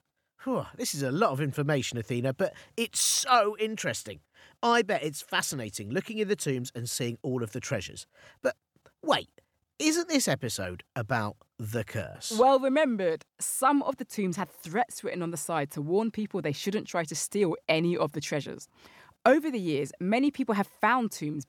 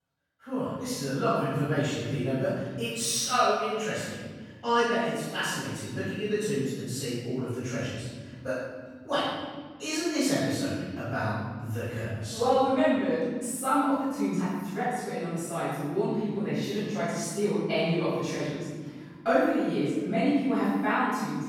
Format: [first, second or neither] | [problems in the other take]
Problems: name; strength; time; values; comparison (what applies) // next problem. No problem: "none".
first | off-mic speech; far // room echo; strong; dies away in 1.8 s